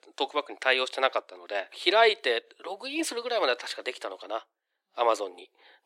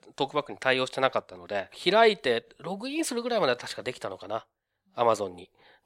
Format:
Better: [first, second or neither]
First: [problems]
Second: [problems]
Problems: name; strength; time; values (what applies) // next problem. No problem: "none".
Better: second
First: thin; somewhat; fading below 300 Hz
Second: none